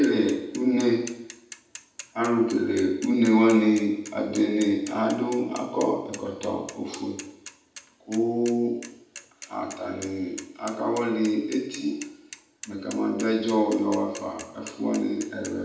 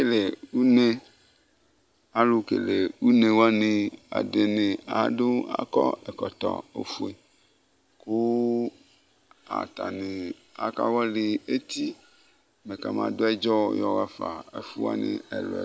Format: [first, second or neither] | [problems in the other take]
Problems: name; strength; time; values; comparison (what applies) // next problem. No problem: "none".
second | background sound (Mechanisms / Bicycle); 19 dB below the speech // room echo; dies away in 0.8 s